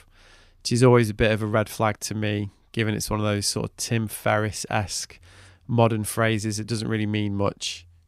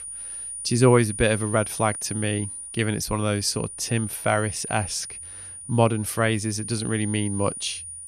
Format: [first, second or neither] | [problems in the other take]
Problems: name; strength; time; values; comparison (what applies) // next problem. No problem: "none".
first | high-pitched whine; loud; throughout; 9.5 kHz, 8 dB below the speech